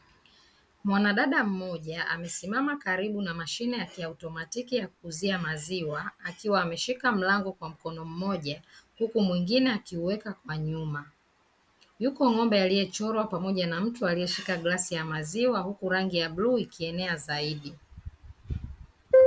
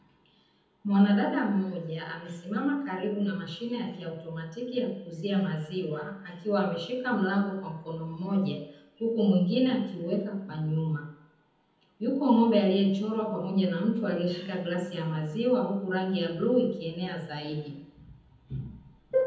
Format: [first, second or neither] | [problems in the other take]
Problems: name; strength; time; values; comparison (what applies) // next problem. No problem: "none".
first | room echo; dies away in 1 s